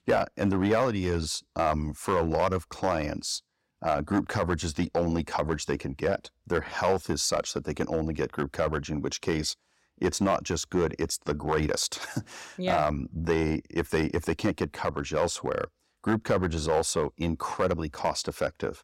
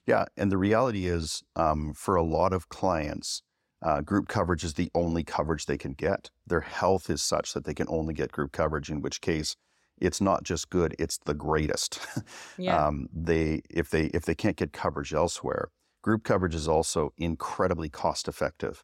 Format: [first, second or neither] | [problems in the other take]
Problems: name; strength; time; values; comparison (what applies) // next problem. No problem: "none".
second | distortion; slight; 3% of the sound clipped